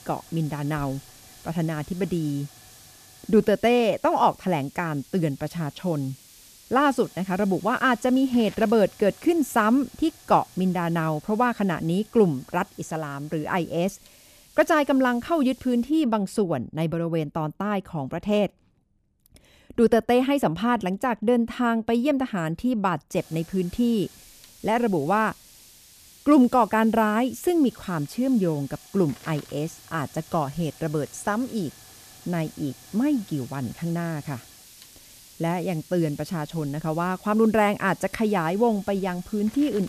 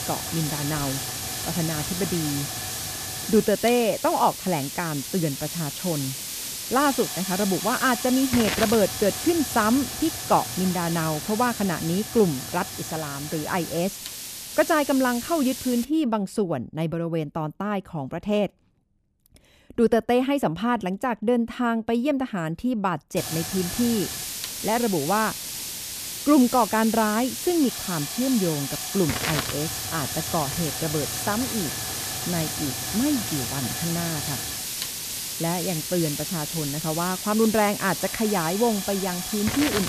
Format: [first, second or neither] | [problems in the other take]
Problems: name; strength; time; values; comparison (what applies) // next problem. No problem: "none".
first | hiss; loud; until 16 s and from 23 s on; 4 dB below the speech; faint in the first